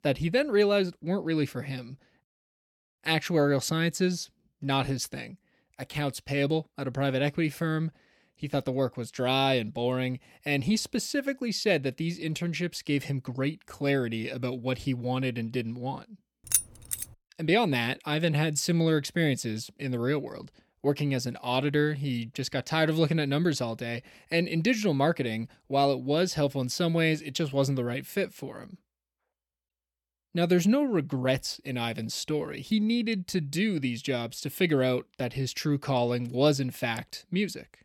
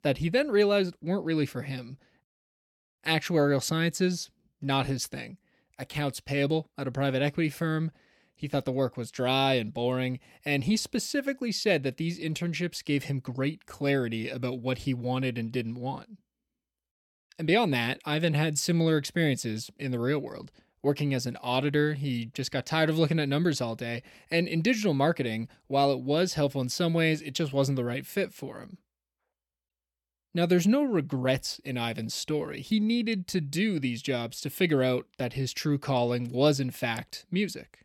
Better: second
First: jangling keys; loud; at 17 s; peak 2 dB above the speech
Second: none

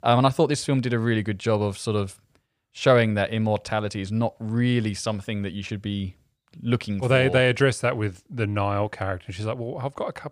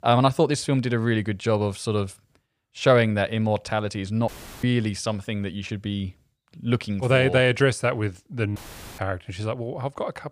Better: first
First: none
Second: audio cutting out; filled with static; at 4.5 s and at 8.5 s

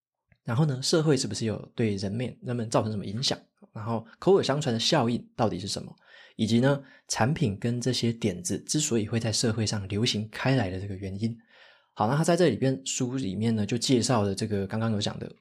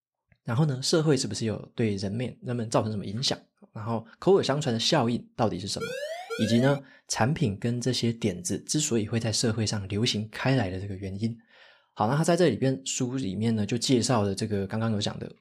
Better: first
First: none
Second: siren; noticeable; at 6 s; peak 7 dB below the speech

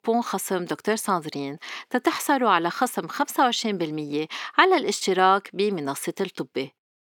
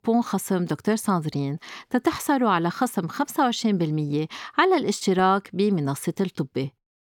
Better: second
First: thin; somewhat; fading below 350 Hz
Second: none

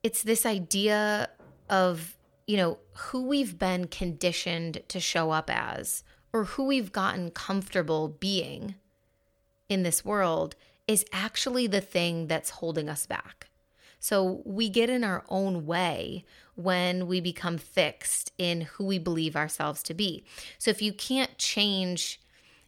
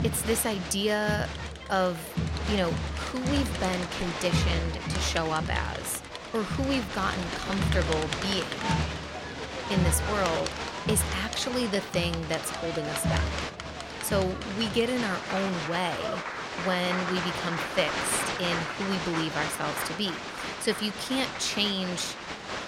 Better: first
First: none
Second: crowd noise; loud; throughout; 2 dB below the speech

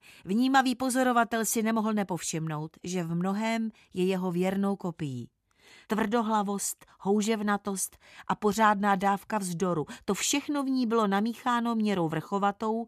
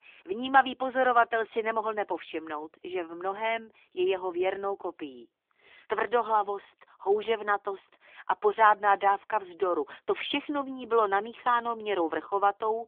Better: first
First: none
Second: phone-call audio; nothing above 3.5 kHz

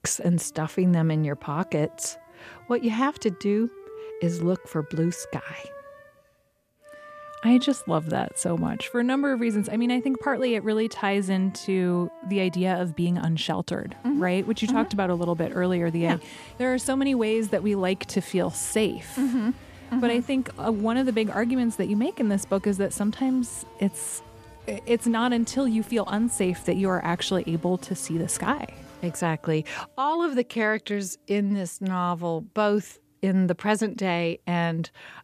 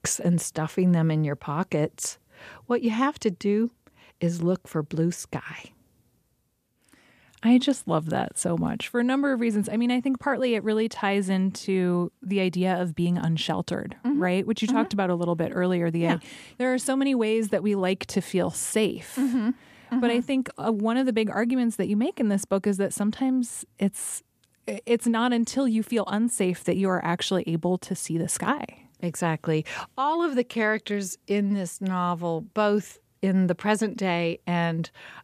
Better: second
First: background music; faint; throughout; 20 dB below the speech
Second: none

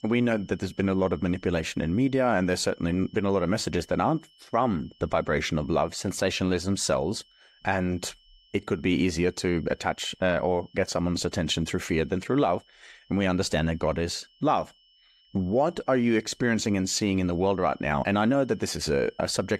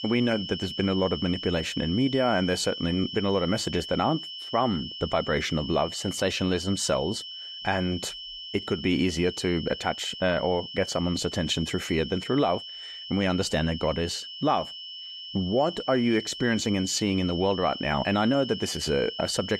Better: first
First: high-pitched whine; faint; throughout; 3 kHz, 30 dB below the speech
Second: high-pitched whine; loud; throughout; 3 kHz, 9 dB below the speech

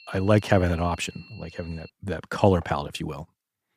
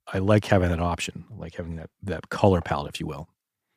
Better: second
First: high-pitched whine; faint; until 2 s; 2.5 kHz, 25 dB below the speech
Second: none

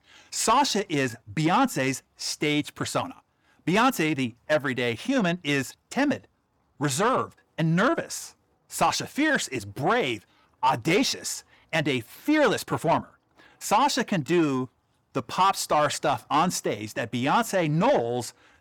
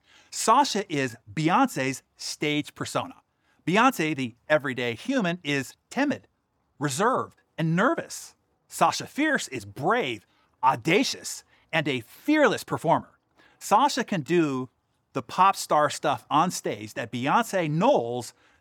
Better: second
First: distortion; slight; 10 dB below the speech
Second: none

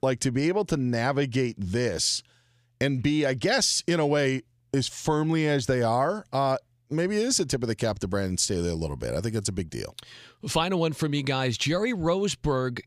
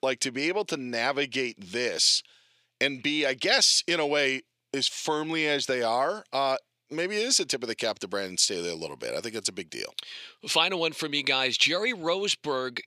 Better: first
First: none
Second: thin; somewhat; fading below 350 Hz

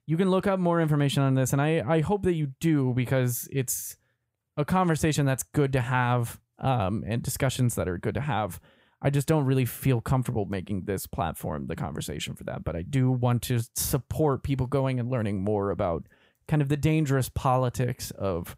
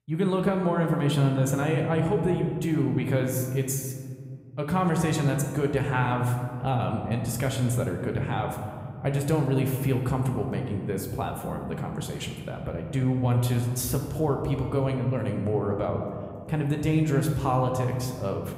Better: first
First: none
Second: room echo; slight; dies away in 1.7 s

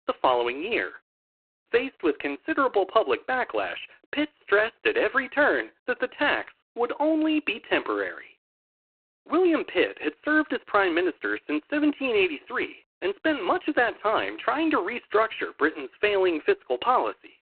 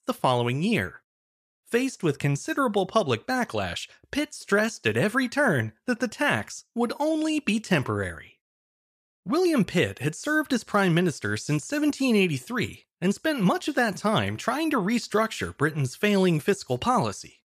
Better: second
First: phone-call audio; poor line; nothing above 4 kHz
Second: none

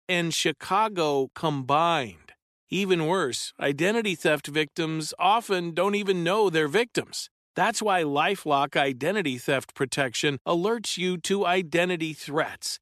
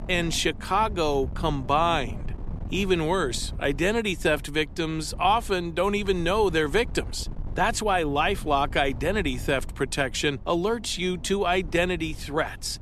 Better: first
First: none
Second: wind noise on the microphone; occasional gusts; 25 dB below the speech

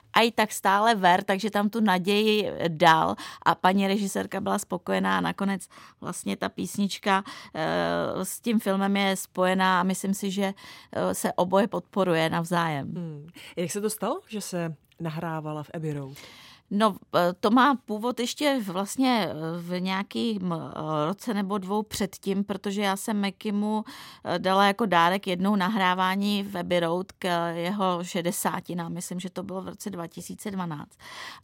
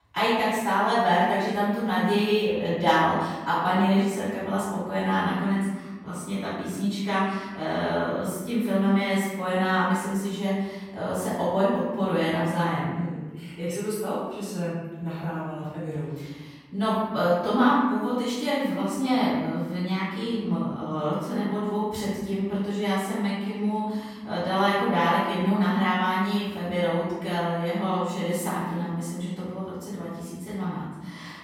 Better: first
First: none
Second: room echo; strong; dies away in 1.3 s // off-mic speech; far

